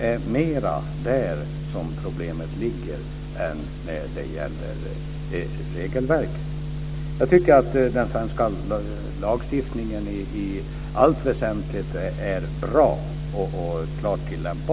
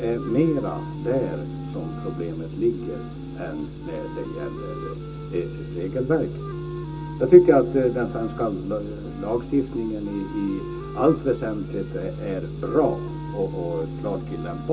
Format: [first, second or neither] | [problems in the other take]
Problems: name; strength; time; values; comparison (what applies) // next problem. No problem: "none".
first | background sound (Wind instrument, woodwind instrument); 15 dB below the speech // room echo; dies away in 0.2 s